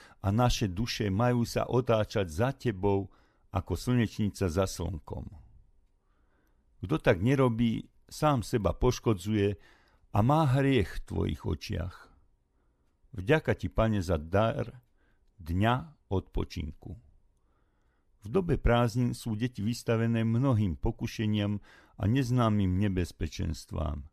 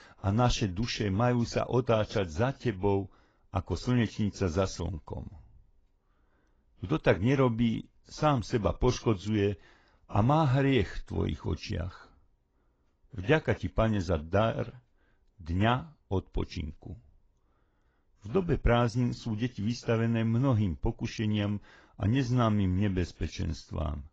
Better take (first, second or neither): first